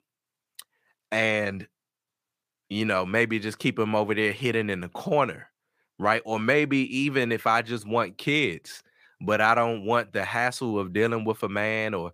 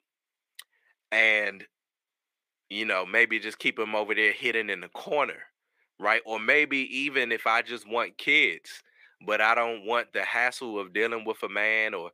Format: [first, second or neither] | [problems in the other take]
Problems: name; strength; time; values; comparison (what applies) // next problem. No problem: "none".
first | thin; somewhat; fading below 400 Hz